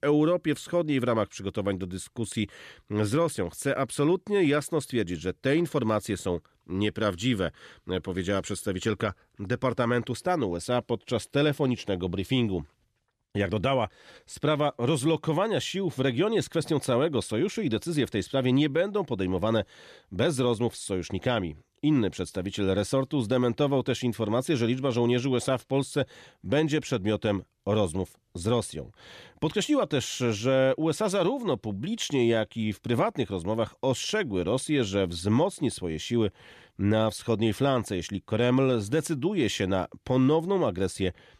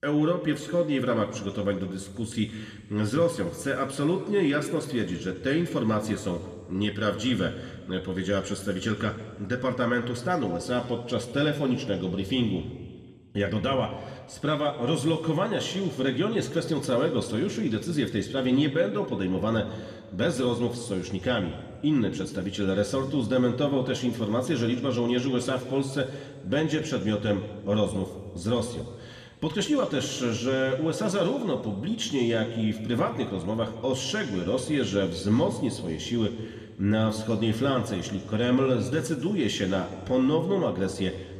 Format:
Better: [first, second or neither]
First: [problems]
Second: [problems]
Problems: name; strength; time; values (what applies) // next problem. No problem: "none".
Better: first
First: none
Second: room echo; slight; dies away in 1.6 s